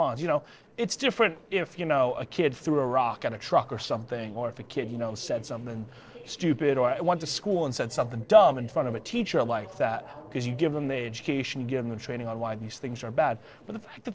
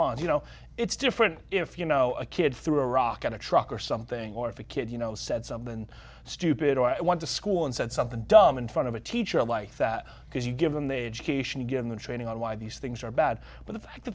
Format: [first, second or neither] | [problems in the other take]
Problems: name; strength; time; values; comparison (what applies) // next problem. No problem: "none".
second | noise reduction (neural separator model SepFormer DNS4)